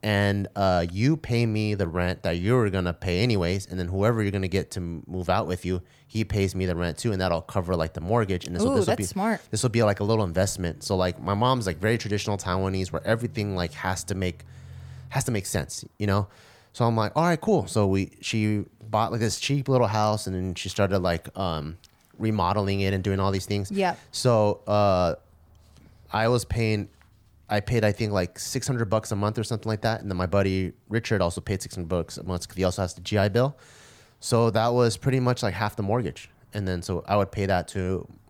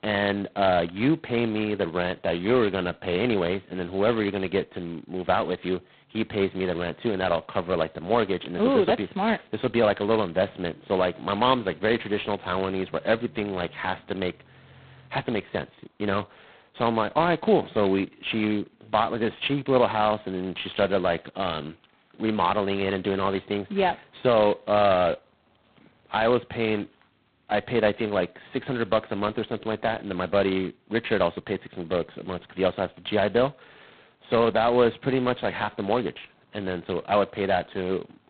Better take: first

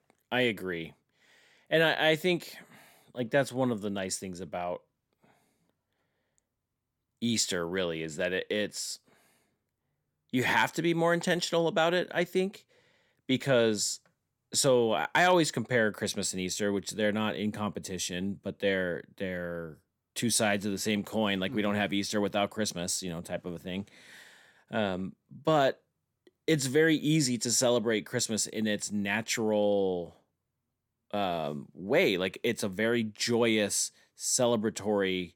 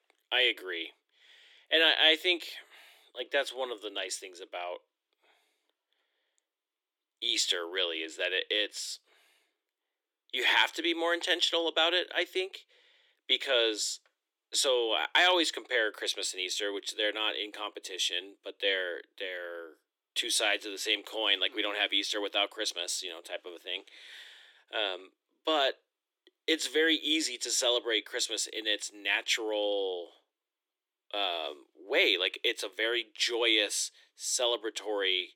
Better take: first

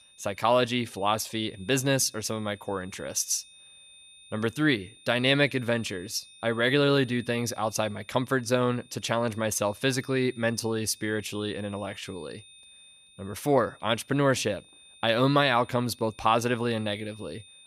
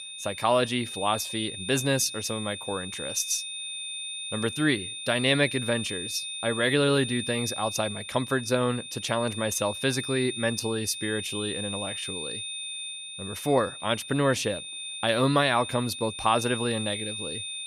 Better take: first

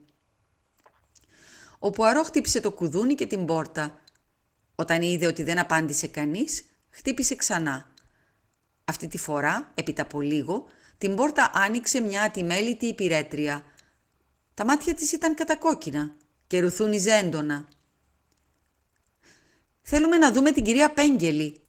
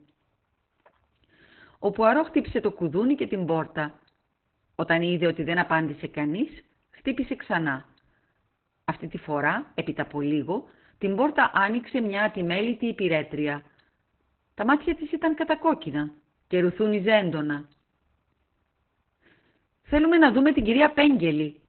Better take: first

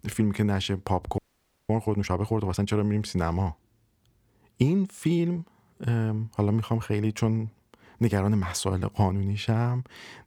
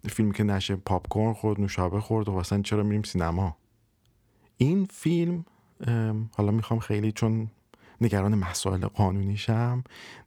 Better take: second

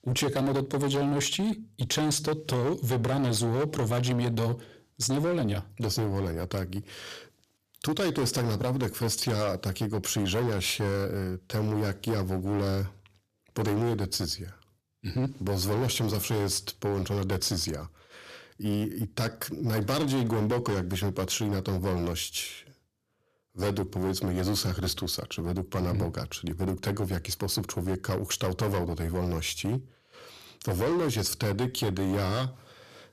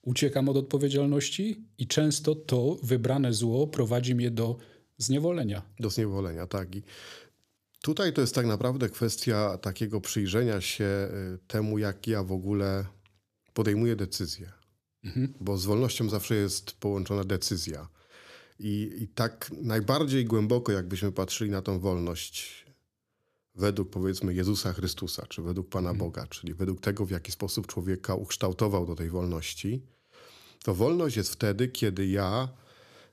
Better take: second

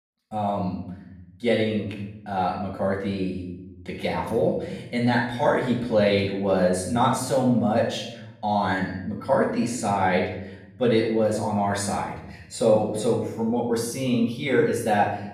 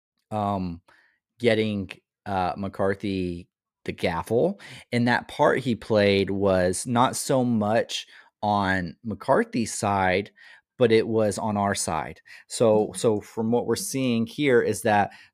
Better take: second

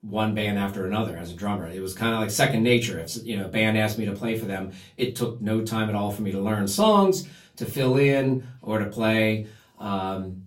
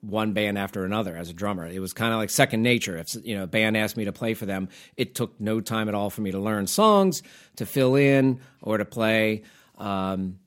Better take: second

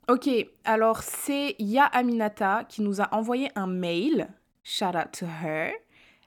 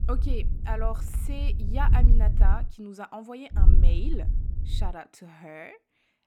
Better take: first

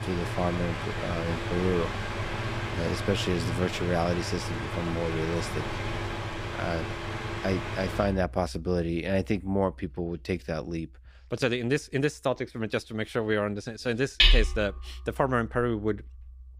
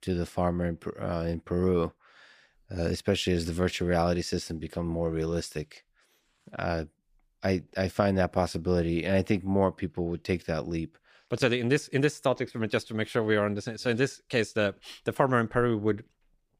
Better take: second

